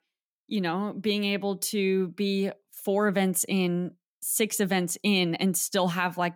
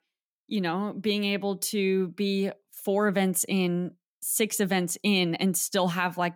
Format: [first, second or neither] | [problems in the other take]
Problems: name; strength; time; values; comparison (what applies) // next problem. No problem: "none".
neither | none